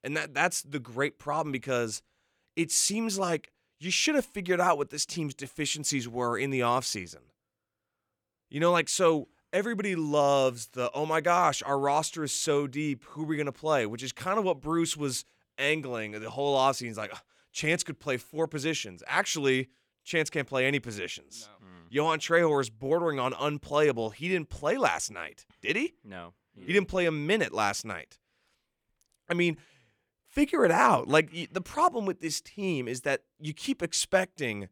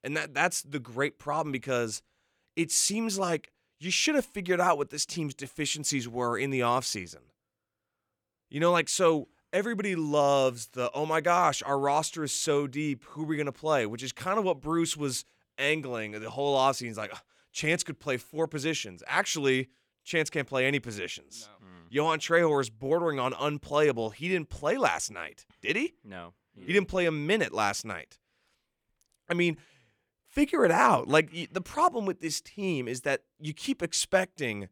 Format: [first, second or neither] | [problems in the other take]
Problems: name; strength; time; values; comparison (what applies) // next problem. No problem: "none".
neither | none